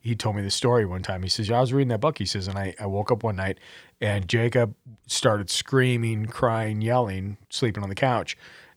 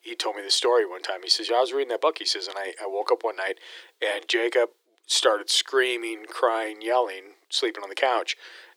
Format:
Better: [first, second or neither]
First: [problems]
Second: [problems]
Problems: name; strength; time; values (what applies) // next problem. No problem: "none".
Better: first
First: none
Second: thin; very; fading below 350 Hz